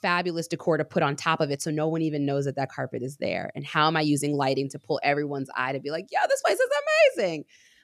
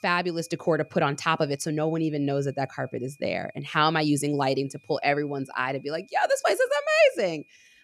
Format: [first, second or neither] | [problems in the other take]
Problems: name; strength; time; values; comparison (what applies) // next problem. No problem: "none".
first | high-pitched whine; faint; throughout; 2.5 kHz, 30 dB below the speech